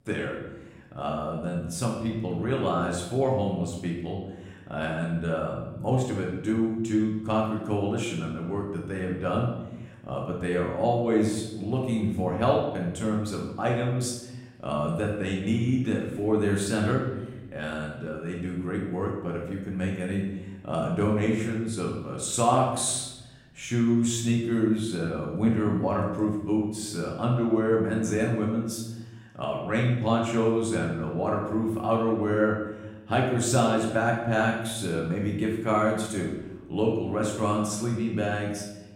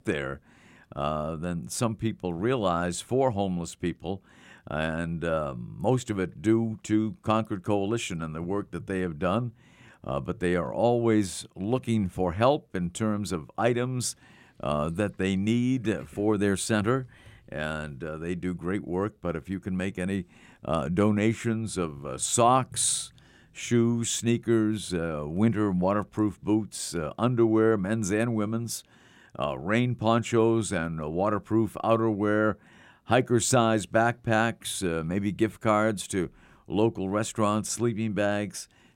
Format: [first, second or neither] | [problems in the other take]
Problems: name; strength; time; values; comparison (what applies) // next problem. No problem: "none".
second | room echo; noticeable; dies away in 0.9 s // off-mic speech; far